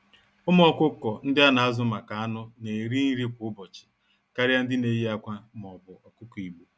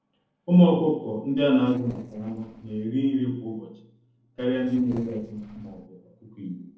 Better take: first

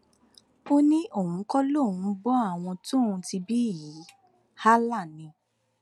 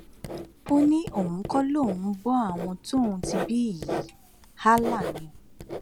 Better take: first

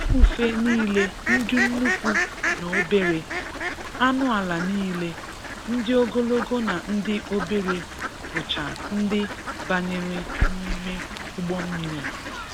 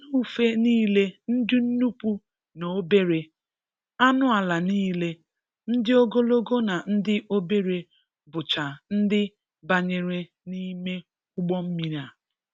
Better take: second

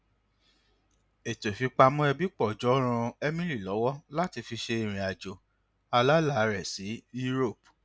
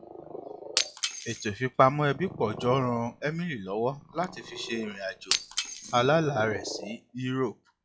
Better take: first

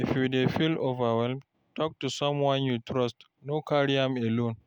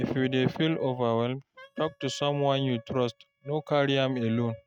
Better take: first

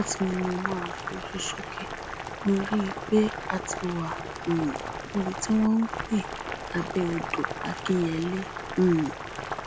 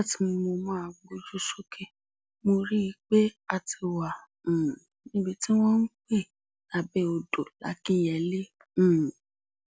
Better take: second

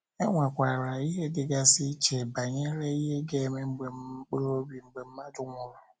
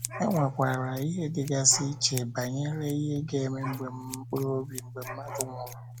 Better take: first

